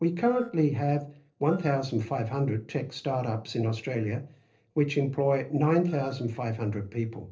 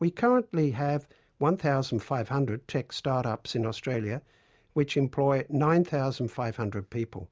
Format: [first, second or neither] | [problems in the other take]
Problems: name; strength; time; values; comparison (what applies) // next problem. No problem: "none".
second | noise reduction (neural separator model SepFormer DNS4)